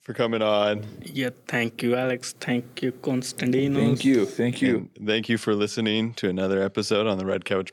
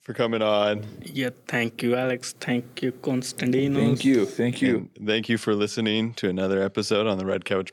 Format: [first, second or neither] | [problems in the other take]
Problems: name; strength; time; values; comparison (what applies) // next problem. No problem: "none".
neither | none